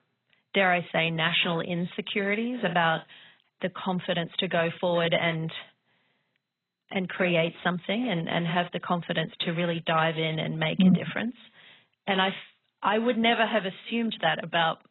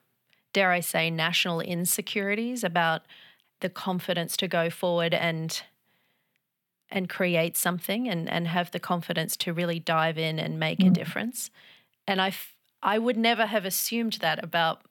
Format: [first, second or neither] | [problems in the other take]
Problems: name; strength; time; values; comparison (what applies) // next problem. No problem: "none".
second | garbled, watery; badly; nothing above 4 kHz